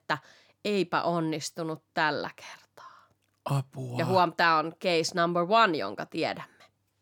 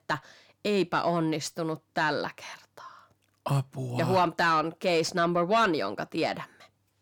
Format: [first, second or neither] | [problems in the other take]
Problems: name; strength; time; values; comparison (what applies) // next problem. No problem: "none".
first | distortion; slight; 10 dB below the speech